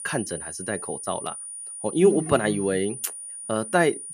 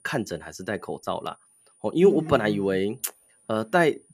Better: second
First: high-pitched whine; loud; throughout; 9.5 kHz, 9 dB below the speech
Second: high-pitched whine; faint; throughout; 9.5 kHz, 35 dB below the speech

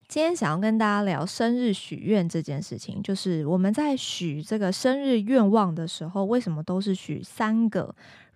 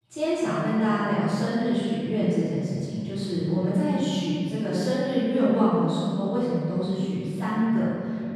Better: first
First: none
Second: off-mic speech; far // room echo; strong; dies away in 2.9 s

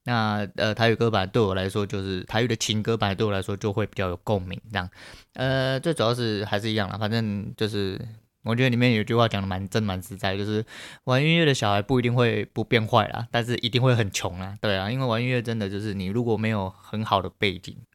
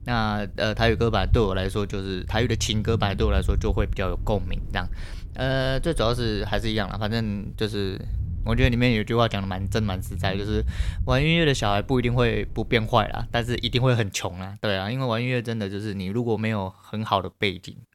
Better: first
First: none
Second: low rumble; faint; until 14 s; 20 dB below the speech

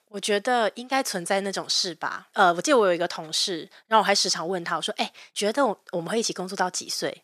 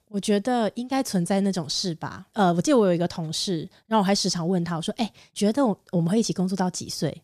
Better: second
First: thin; somewhat; fading below 400 Hz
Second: none

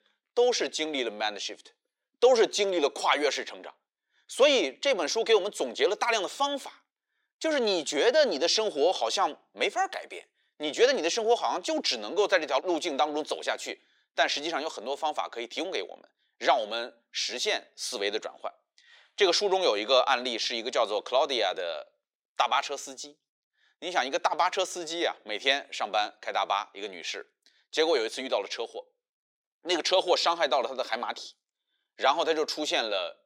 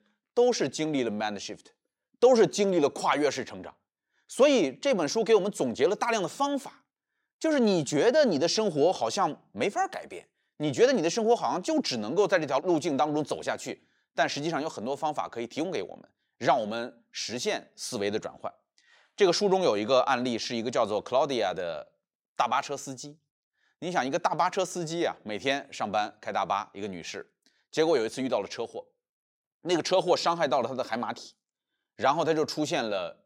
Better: second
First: thin; somewhat; fading below 350 Hz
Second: none

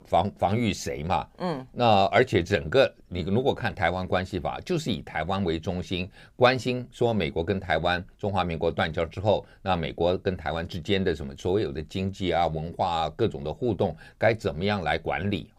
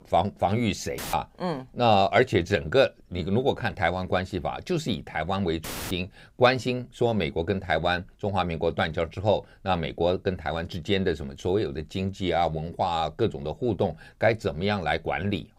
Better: first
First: none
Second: audio cutting out; filled with static; at 1 s and at 5.5 s

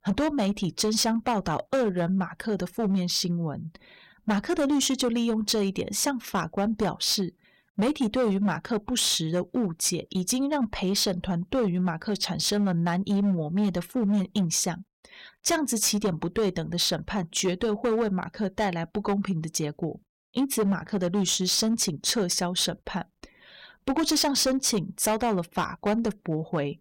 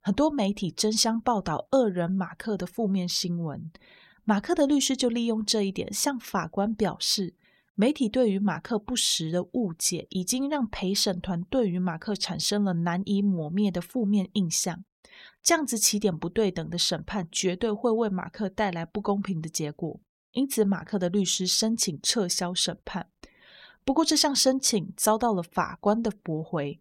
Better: second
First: distortion; slight; 9% of the sound clipped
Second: none

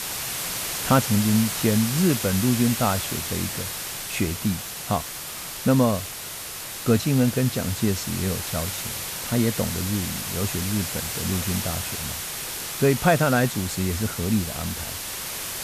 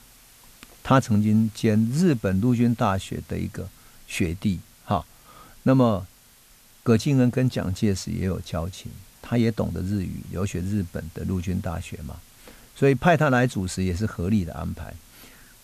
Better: second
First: hiss; loud; throughout; 4 dB below the speech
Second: hiss; faint; throughout; 25 dB below the speech

